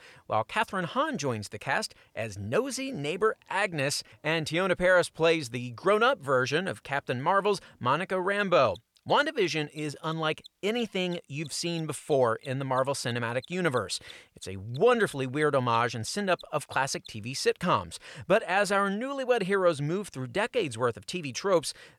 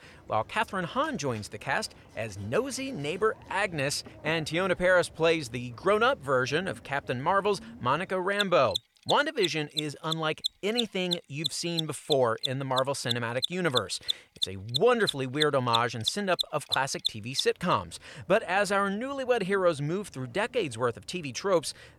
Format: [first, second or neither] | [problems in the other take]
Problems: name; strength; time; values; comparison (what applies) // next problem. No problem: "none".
first | machinery noise; loud; throughout; 4 dB below the speech; faint in the first